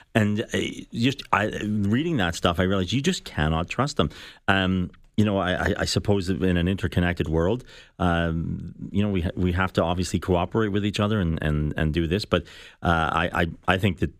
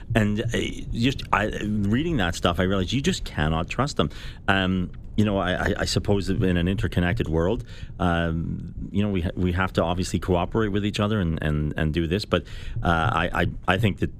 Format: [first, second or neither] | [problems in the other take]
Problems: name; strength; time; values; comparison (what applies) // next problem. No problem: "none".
first | low rumble; faint; throughout; 25 dB below the speech